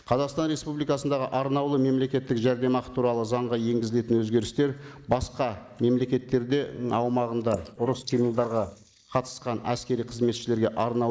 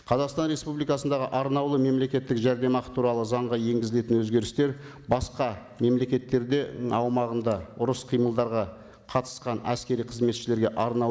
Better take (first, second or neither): second